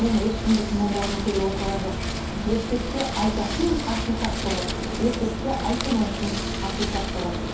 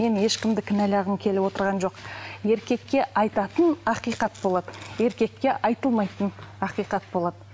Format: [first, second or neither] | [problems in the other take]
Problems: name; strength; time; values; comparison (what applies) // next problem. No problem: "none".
second | background sound (Wind); 1 dB below the speech // room echo; dies away in 0.5 s